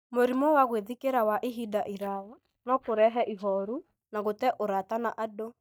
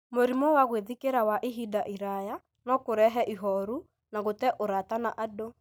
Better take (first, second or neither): second